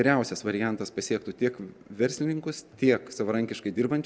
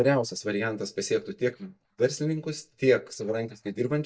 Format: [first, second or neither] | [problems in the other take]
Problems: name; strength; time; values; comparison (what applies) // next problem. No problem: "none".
first | noise reduction (neural mask model DeepFilterNet 3)